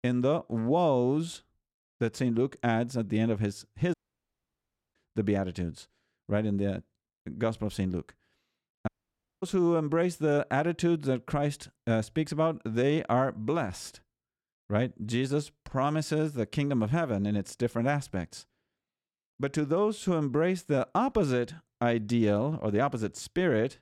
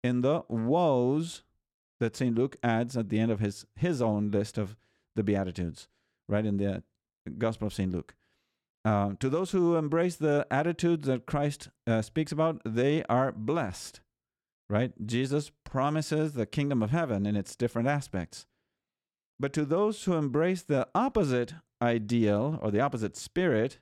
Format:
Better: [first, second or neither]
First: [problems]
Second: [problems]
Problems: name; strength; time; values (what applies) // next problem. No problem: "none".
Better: second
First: audio cutting out; at 4 s for 1 s and at 9 s for 0.5 s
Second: none